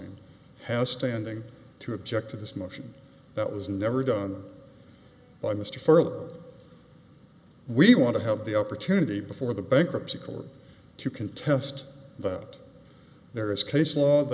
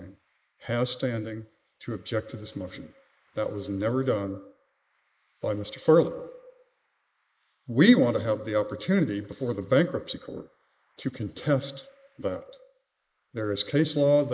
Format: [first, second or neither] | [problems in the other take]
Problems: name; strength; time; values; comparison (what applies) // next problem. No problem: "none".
first | noise reduction (neural mask model Resemble Enhance denoiser)